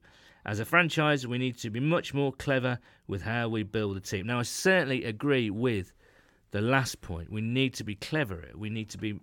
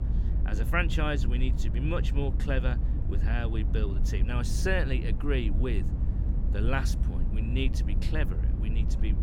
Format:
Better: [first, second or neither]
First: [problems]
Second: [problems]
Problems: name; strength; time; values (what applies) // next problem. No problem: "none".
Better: first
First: none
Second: low rumble; noticeable; throughout; 10 dB below the speech